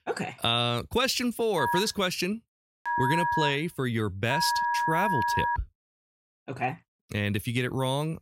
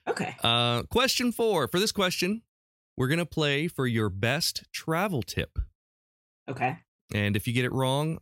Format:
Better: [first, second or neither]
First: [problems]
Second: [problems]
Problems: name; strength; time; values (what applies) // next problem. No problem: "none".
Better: second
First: phone ringing; loud; from 1.5 to 5.5 s; peak 2 dB above the speech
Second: none